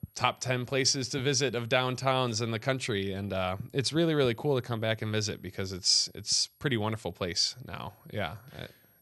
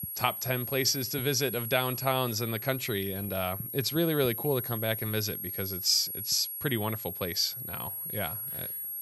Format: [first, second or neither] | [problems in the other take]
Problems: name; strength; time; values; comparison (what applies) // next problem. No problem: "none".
first | high-pitched whine; loud; throughout; 11.5 kHz, 5 dB below the speech; faint in the first